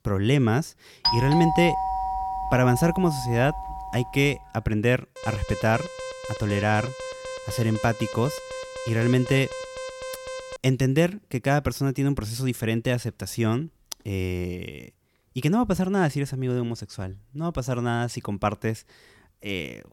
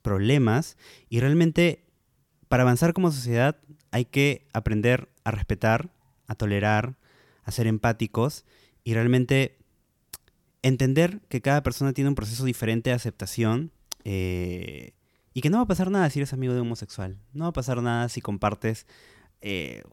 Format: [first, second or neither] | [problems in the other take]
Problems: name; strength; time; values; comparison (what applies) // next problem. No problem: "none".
second | doorbell; loud; from 1 to 4 s; peak 2 dB above the speech // alarm; noticeable; from 5 to 11 s; peak 9 dB below the speech